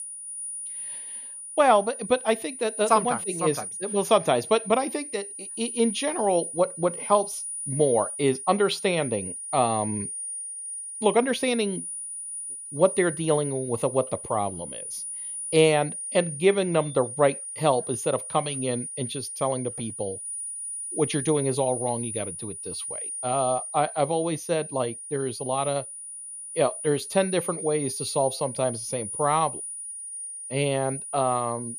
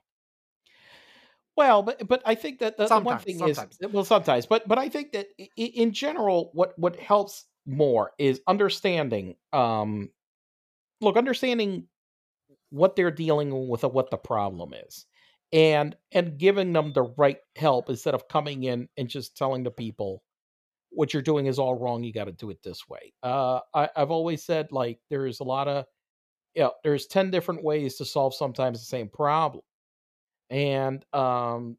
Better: second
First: high-pitched whine; loud; throughout; 9.5 kHz, 7 dB below the speech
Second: none

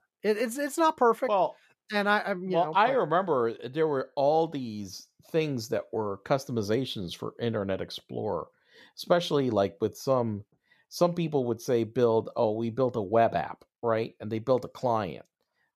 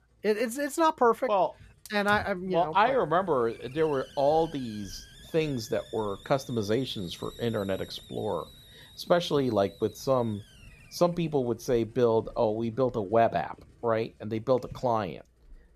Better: first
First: none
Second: hiss; faint; throughout; 20 dB below the speech

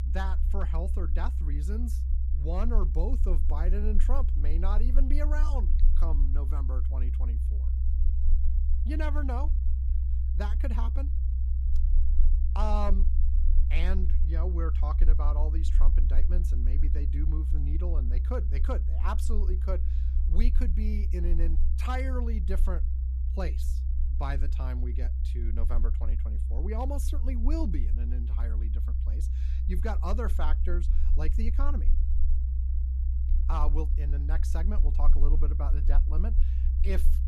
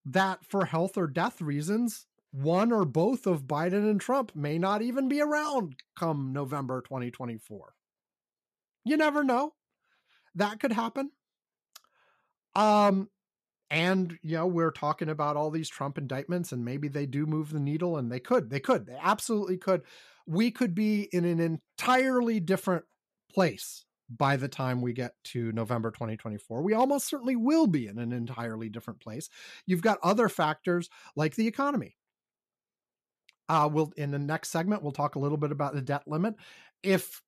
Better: second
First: low rumble; loud; throughout; 9 dB below the speech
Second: none

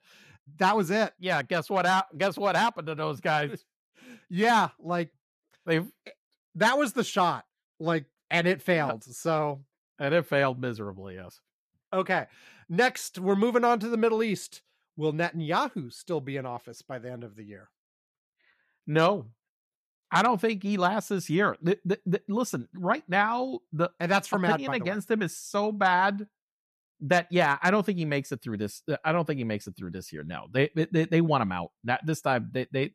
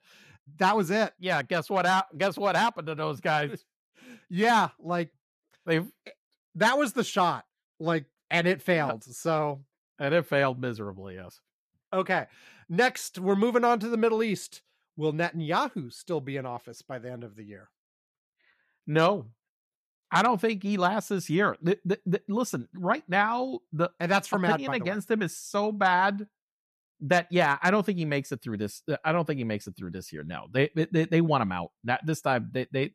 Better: neither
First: none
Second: none

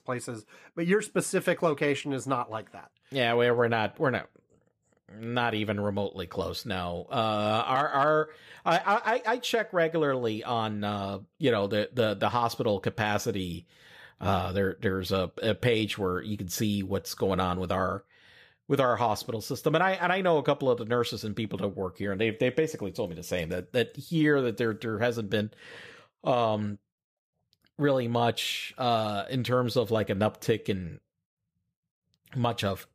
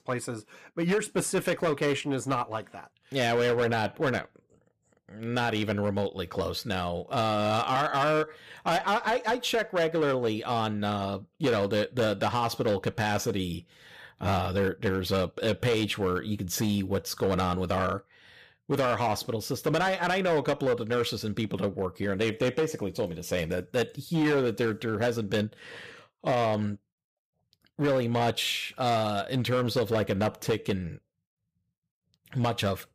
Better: first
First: none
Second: distortion; slight; 8% of the sound clipped

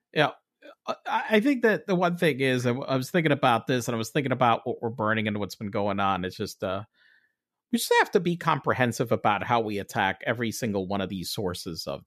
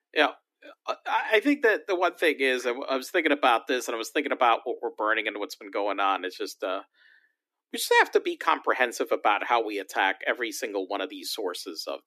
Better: first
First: none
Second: thin; somewhat; fading below 300 Hz

